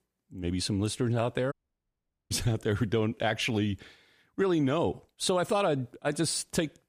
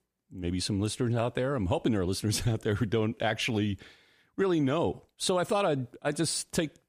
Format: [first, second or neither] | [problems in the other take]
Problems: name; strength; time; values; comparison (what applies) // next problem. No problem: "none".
second | audio cutting out; at 1.5 s for 1 s